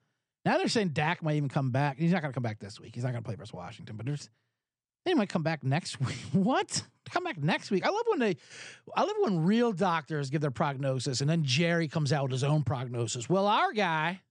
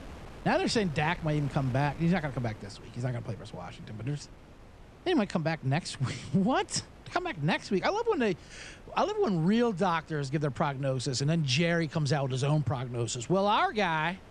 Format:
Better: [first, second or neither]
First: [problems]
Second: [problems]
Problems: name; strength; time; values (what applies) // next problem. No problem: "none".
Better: first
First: none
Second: wind noise on the microphone; occasional gusts; 20 dB below the speech